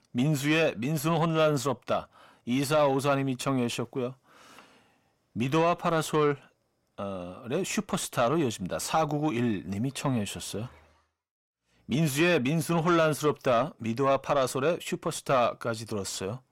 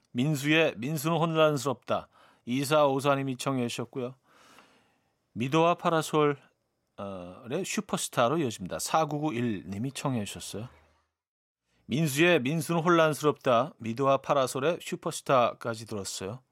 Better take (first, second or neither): second